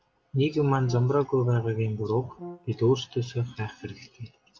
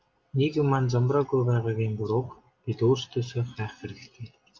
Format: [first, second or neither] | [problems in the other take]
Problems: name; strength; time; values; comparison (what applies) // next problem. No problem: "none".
second | background sound (Brass instrument); 19 dB below the speech